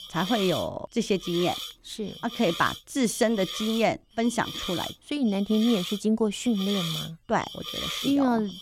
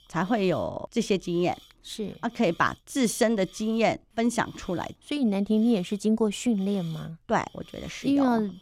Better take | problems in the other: second | hiss; loud; throughout; 7 dB below the speech; faint in the second

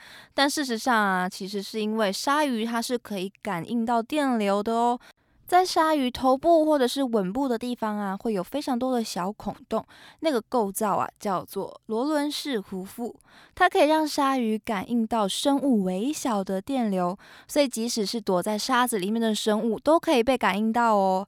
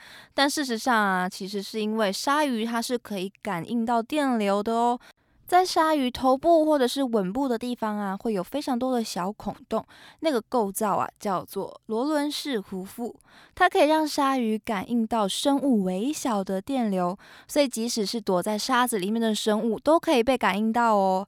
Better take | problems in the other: neither | none

